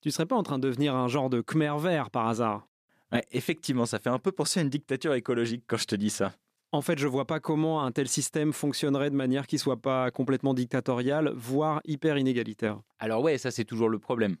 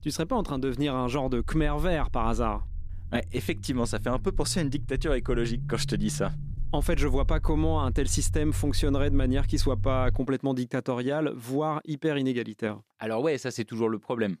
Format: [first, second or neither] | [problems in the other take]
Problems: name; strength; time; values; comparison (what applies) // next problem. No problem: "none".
first | low rumble; noticeable; until 10 s; 20 dB below the speech